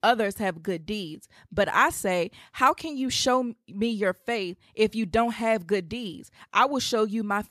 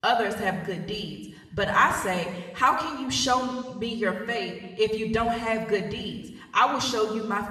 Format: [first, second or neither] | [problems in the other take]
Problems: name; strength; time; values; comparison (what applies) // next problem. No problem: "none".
first | room echo; noticeable; dies away in 1 s // off-mic speech; somewhat distant